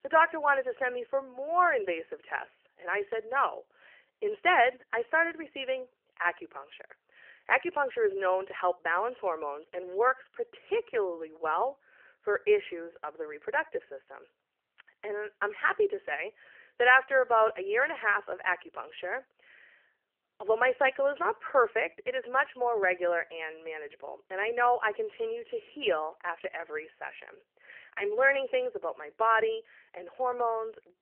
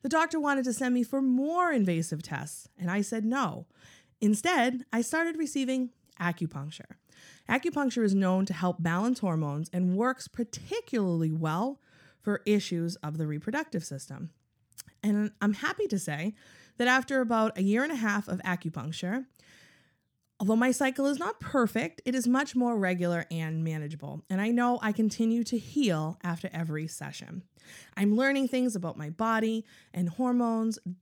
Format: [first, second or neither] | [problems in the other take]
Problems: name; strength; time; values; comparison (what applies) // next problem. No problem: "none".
second | phone-call audio; nothing above 3 kHz